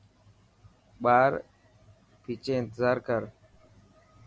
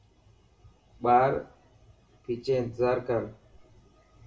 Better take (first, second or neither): first